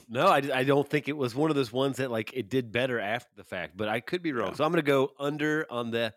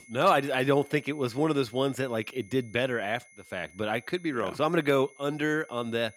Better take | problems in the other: first | high-pitched whine; faint; throughout; 2 kHz, 25 dB below the speech

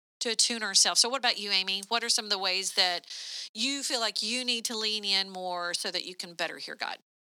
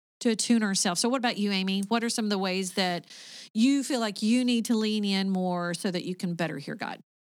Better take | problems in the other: second | thin; very; fading below 600 Hz

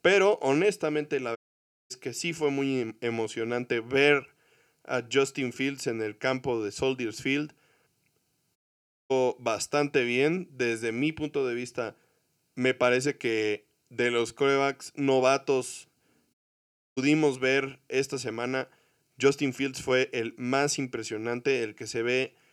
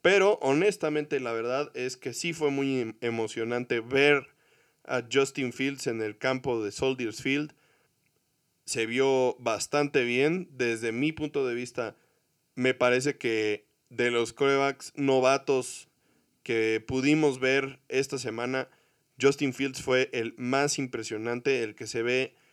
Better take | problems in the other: second | audio cutting out; at 1.5 s for 0.5 s, at 8.5 s for 0.5 s and at 16 s for 0.5 s

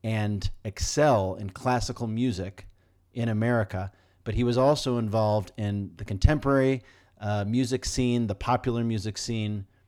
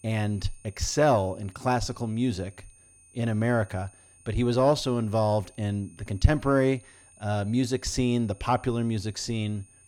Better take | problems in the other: first | high-pitched whine; faint; throughout; 9 kHz, 25 dB below the speech

